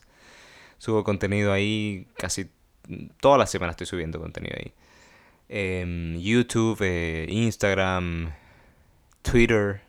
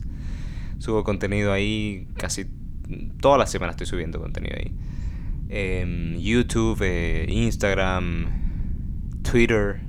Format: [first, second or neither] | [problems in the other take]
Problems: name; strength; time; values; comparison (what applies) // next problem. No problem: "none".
first | low rumble; faint; throughout; 20 dB below the speech